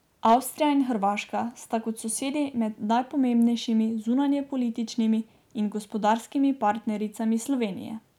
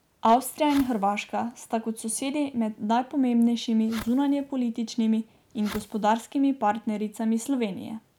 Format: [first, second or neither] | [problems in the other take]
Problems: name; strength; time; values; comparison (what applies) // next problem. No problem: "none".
first | background sound (Fireworks); 18 dB below the speech